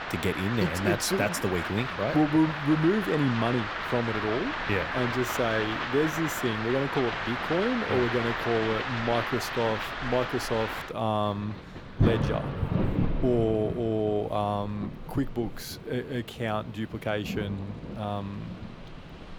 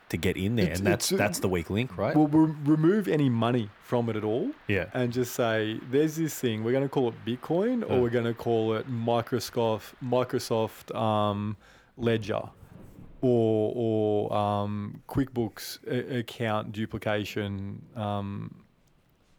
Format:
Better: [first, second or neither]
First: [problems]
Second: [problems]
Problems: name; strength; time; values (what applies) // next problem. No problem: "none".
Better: second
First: rain or running water; loud; throughout; 3 dB below the speech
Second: rain or running water; faint; throughout; 25 dB below the speech